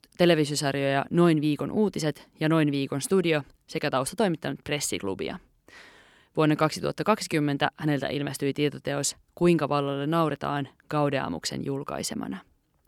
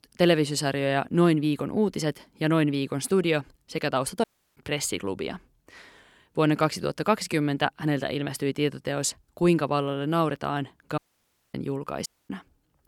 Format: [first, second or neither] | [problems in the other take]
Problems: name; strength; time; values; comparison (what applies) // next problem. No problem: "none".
first | audio cutting out; at 4 s, at 11 s for 0.5 s and at 12 s